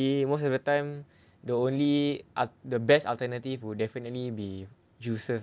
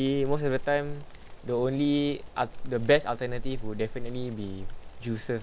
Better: first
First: none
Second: background sound (Insect); 5 dB below the speech

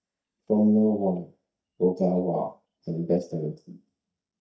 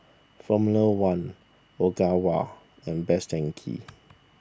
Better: second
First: noise reduction (neural mask model DeepFilterNet 3)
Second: none

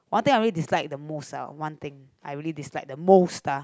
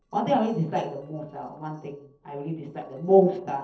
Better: first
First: none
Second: noise reduction (neural separator model SepFormer DNS4)

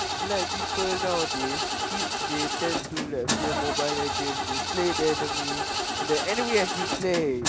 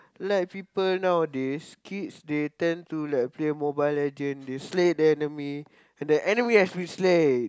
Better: second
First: background sound (Engine starting / Car); 1 dB above the speech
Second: none

